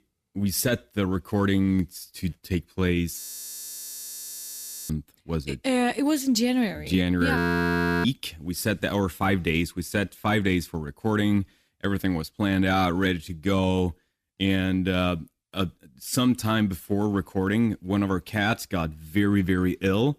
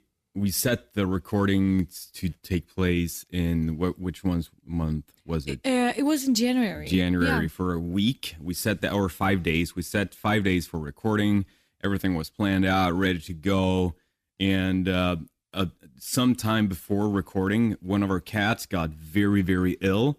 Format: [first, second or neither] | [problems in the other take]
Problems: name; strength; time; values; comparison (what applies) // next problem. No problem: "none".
second | audio freezing; at 3 s for 1.5 s and at 7.5 s for 0.5 s